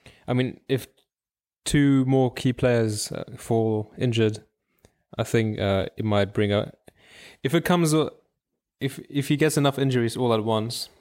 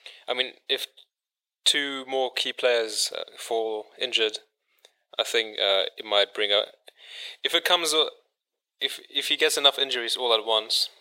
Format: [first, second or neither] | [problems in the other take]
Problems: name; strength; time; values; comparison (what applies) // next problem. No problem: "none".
first | thin; very; fading below 500 Hz